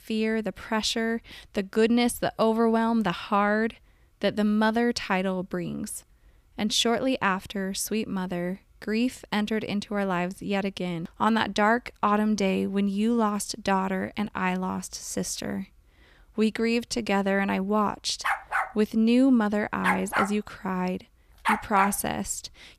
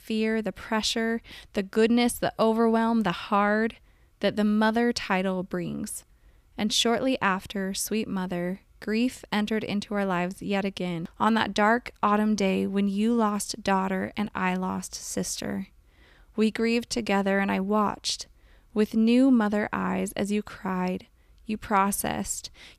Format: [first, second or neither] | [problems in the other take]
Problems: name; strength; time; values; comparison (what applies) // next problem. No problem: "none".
second | dog barking; loud; from 18 to 22 s; peak 1 dB above the speech